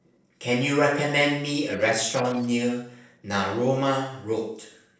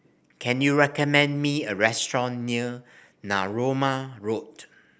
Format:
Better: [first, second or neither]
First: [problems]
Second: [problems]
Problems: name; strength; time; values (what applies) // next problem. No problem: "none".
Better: second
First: noise reduction (neural separator model SepFormer DNS4)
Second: none